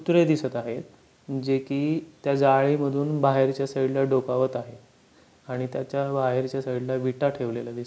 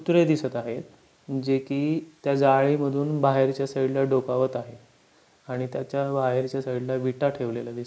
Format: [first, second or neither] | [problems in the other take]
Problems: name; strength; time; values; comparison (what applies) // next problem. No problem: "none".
first | noise reduction (neural mask model Resemble Enhance denoiser)